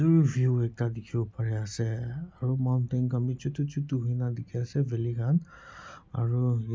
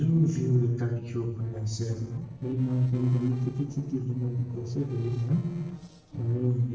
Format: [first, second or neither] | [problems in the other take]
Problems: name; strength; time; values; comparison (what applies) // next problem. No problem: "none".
first | noise reduction (neural separator model SepFormer DNS4)